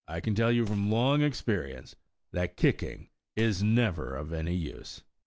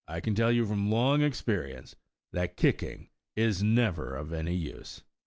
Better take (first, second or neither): second